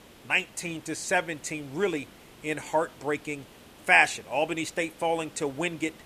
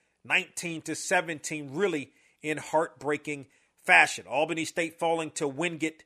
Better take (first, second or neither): second